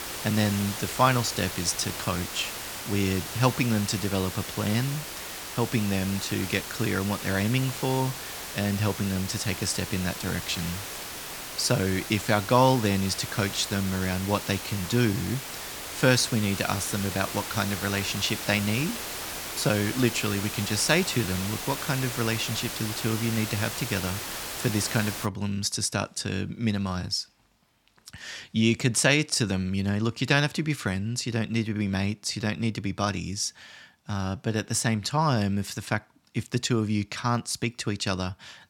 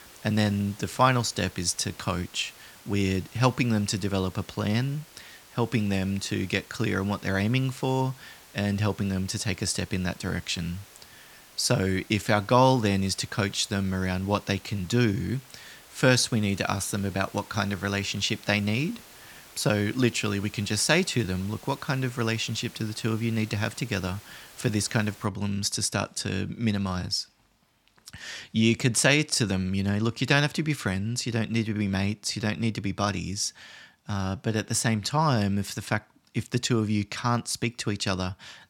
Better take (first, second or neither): second